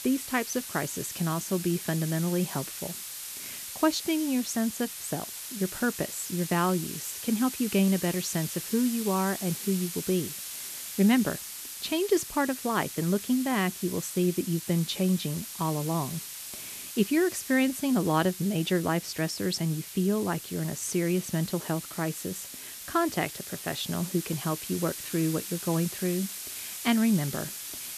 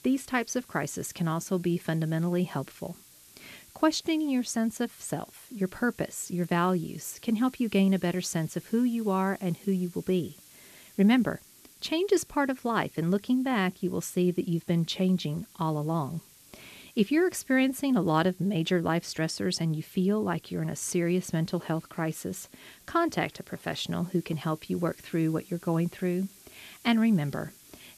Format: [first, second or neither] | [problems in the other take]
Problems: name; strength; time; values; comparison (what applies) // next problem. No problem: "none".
second | hiss; loud; throughout; 8 dB below the speech; faint in the second